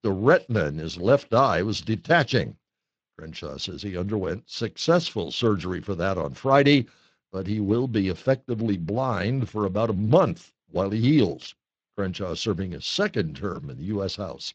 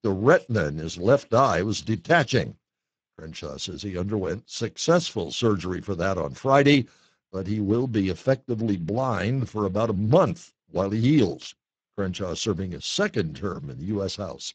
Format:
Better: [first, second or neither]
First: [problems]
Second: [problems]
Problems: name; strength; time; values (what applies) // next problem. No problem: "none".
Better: first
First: garbled, watery; slightly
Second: garbled, watery; badly; nothing above 7.5 kHz